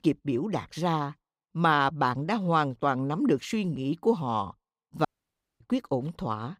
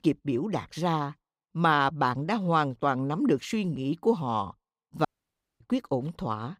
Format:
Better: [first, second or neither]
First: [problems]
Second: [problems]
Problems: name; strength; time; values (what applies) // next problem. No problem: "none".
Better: neither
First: audio cutting out; at 5 s for 0.5 s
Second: audio cutting out; at 5 s for 0.5 s